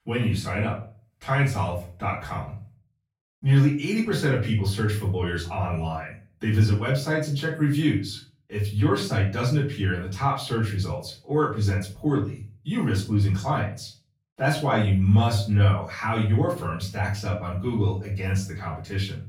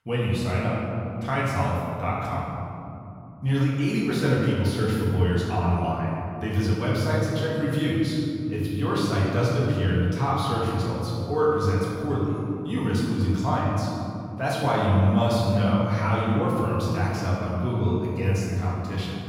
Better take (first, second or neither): first